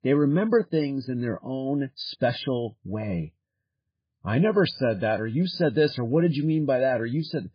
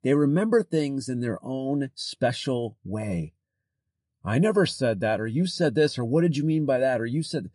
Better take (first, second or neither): second